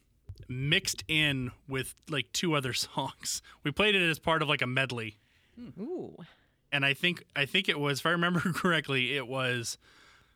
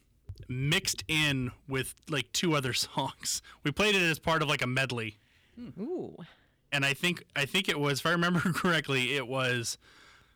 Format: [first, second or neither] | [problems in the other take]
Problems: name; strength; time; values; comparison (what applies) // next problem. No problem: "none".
first | distortion; slight; 3% of the sound clipped